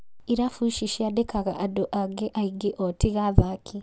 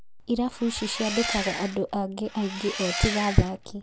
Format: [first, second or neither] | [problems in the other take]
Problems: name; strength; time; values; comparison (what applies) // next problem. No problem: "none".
first | background sound (Engine); 7 dB below the speech